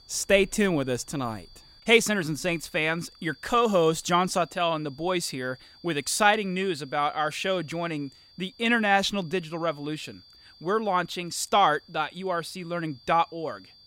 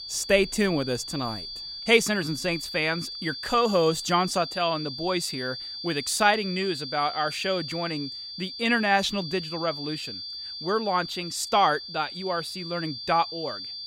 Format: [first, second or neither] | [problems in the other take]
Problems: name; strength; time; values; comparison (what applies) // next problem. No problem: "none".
first | high-pitched whine; loud; throughout; 4.5 kHz, 8 dB below the speech; faint in the first